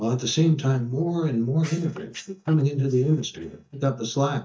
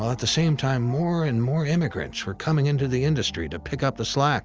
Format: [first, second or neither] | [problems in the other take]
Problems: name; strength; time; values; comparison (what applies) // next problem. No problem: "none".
second | noise reduction (neural mask model DeepFilterNet 3)